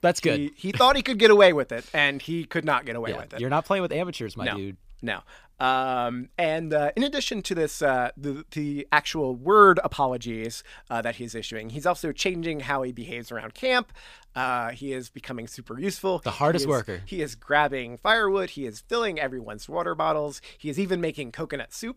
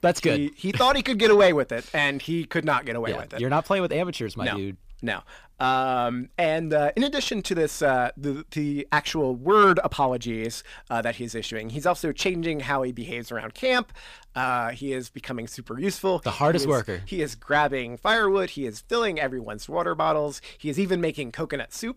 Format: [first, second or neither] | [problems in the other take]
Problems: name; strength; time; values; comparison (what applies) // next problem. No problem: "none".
first | distortion; slight; 10 dB below the speech